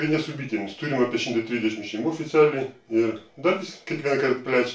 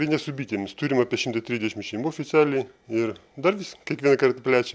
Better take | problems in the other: second | room echo; dies away in 0.3 s

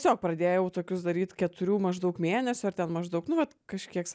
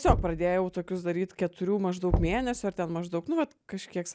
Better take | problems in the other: first | background sound (Knock); 5 dB below the speech

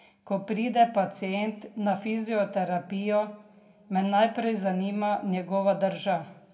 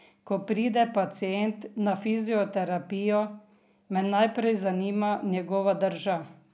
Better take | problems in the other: second | room echo; dies away in 1.9 s

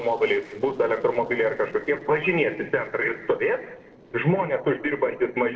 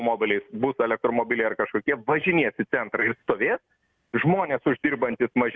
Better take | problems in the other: second | noise reduction (neural separator model SepFormer DNS4)

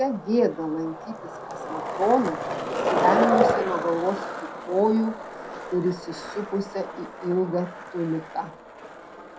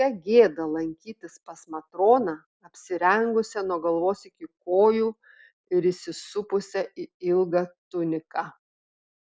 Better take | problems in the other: second | background sound (Skateboard); 2 dB below the speech // room echo; dies away in 0.2 s

